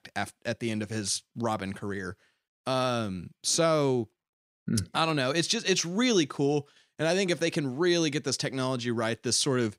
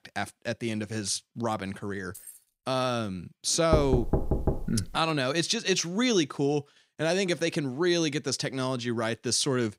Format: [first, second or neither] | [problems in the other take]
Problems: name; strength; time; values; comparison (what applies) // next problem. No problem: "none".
first | jangling keys; faint; at 2 s; peak 15 dB below the speech // door banging; noticeable; from 3.5 to 5 s; peak level with the speech